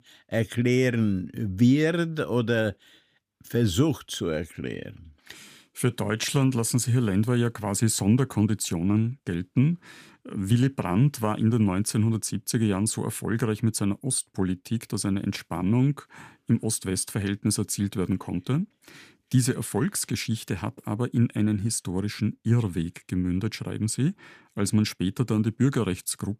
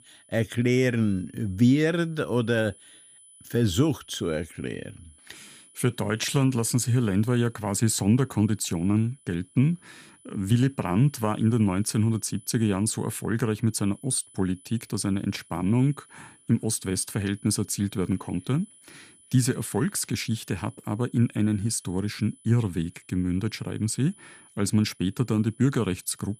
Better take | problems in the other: first | high-pitched whine; faint; throughout; 10 kHz, 25 dB below the speech

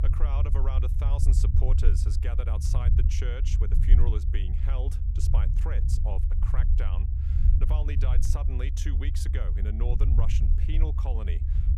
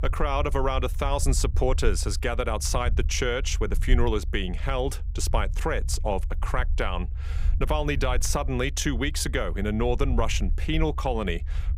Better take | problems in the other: second | low rumble; loud; throughout; 3 dB below the speech; faint in the second

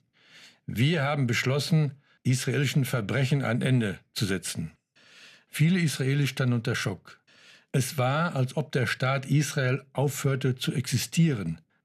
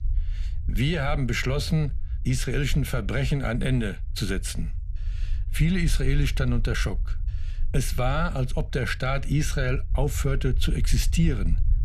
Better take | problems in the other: first | low rumble; faint; throughout; 20 dB below the speech

